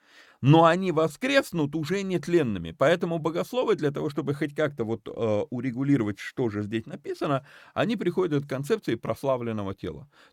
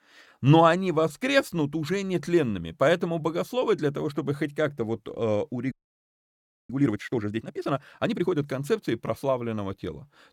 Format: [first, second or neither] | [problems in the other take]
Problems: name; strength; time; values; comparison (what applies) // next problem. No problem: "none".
first | audio freezing; at 5.5 s for 1 s